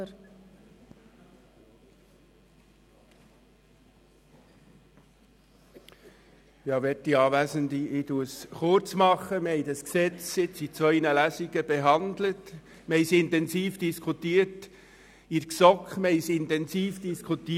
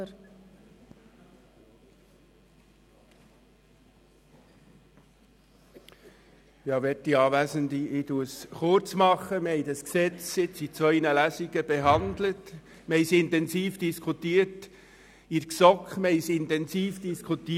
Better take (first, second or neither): first